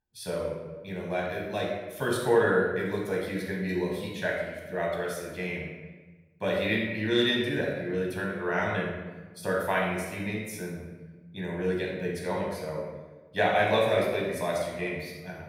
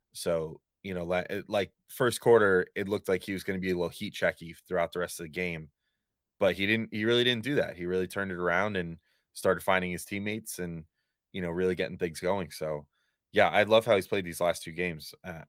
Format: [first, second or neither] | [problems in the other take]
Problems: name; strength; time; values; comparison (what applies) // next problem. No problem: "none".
second | off-mic speech; far // room echo; noticeable; dies away in 1.1 s